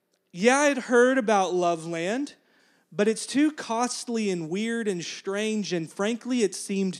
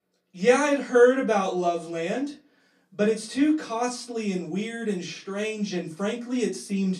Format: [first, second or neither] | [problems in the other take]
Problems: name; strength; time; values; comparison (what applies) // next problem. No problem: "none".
first | off-mic speech; far // room echo; very slight; dies away in 0.2 s